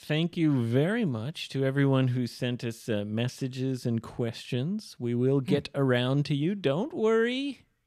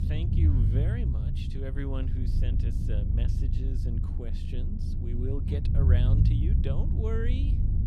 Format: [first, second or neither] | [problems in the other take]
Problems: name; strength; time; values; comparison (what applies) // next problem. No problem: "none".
first | low rumble; loud; throughout; as loud as the speech